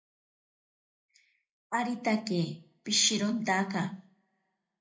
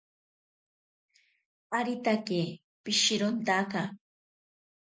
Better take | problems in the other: second | room echo; dies away in 0.3 s

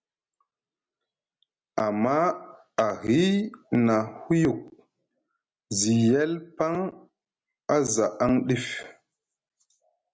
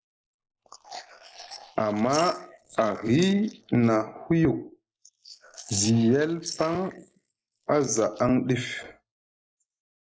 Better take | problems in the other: first | noise reduction (neural mask model Resemble Enhance denoiser)

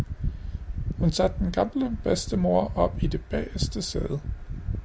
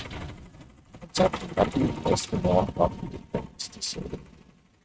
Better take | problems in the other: first | noise reduction (neural mask model RNNoise)

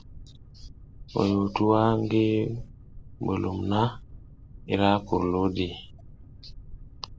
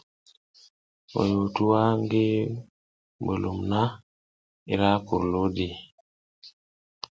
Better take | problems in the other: second | background sound (Boat, Water vehicle); 17 dB below the speech

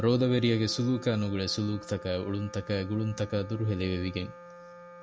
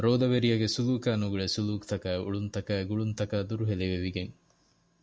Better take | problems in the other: second | background sound (Wind instrument, woodwind instrument); 18 dB below the speech

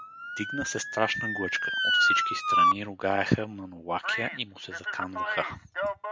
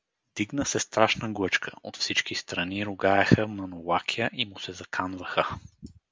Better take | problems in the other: second | background sound (Motor vehicle (road) / Siren); 3 dB above the speech

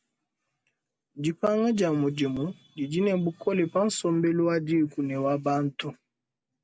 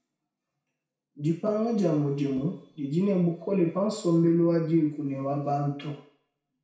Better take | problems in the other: first | room echo; dies away in 0.6 s

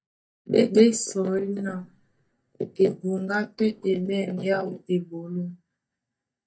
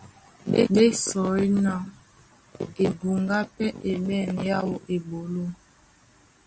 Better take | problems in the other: second | noise reduction (neural mask model DeepFilterNet 3)

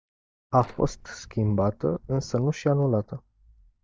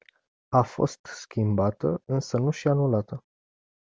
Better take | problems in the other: second | noise reduction (neural mask model DeepFilterNet 3)

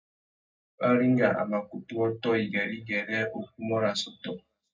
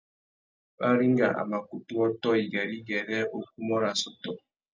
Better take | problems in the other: second | room echo; dies away in 0.3 s

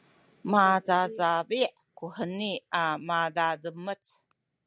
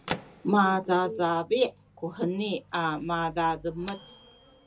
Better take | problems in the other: first | background sound (Microwave oven / Bell); 16 dB below the speech // room echo; dies away in 0.2 s

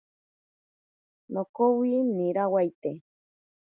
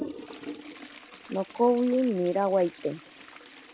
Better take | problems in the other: first | background sound (Toilet flush); 15 dB below the speech

